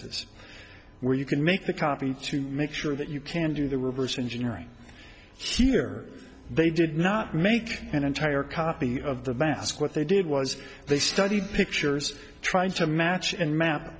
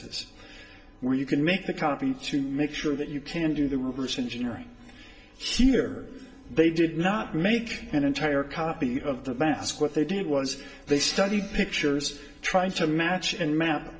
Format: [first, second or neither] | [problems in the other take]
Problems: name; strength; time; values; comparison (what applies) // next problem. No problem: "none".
first | room echo; dies away in 0.5 s